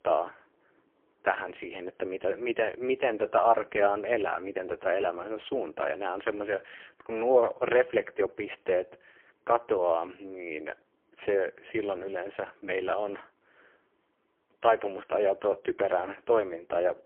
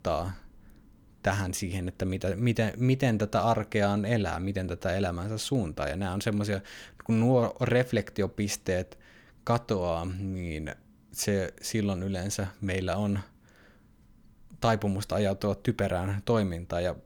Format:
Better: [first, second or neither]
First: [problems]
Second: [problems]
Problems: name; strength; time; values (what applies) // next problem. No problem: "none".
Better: second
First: phone-call audio; poor line; nothing above 3 kHz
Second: none